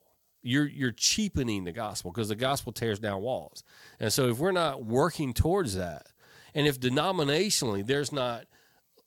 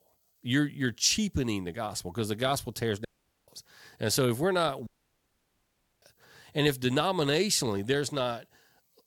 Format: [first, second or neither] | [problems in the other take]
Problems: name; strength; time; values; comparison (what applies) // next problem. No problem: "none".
first | audio cutting out; at 3 s and at 5 s for 1 s